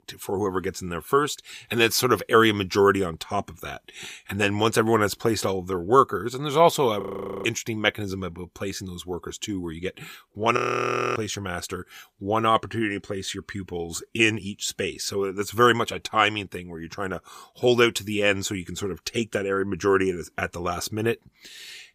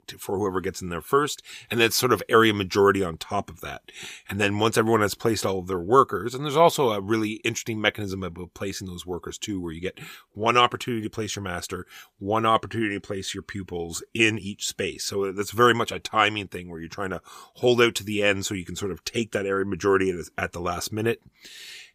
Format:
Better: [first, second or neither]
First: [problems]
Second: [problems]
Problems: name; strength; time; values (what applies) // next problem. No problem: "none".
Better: second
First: audio freezing; at 7 s and at 11 s for 0.5 s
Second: none